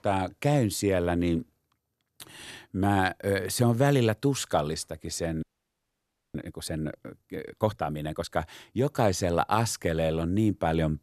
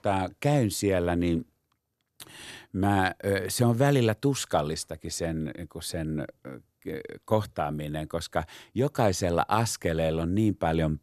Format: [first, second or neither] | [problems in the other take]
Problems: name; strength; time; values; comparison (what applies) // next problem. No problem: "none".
second | audio freezing; at 5.5 s for 1 s